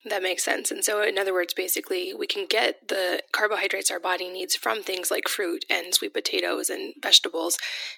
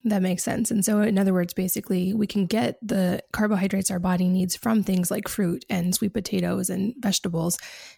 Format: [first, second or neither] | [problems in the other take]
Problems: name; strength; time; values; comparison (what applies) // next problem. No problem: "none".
second | thin; very; fading below 300 Hz